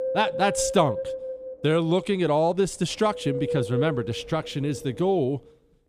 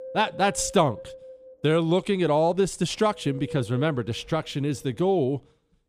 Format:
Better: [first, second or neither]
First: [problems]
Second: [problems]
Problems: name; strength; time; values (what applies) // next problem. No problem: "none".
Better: second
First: wind noise on the microphone; heavy; 6 dB below the speech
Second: wind noise on the microphone; occasional gusts; 15 dB below the speech